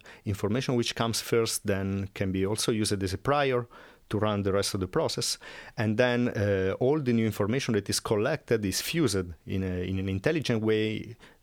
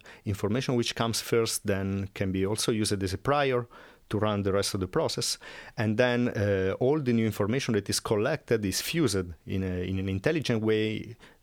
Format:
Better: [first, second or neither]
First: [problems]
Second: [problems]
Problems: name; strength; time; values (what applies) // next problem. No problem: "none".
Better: neither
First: none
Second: none